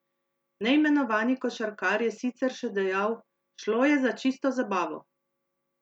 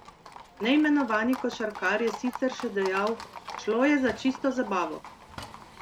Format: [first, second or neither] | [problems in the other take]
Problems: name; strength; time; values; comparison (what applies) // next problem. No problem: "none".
first | background sound (Livestock, farm animals, working animals); 14 dB below the speech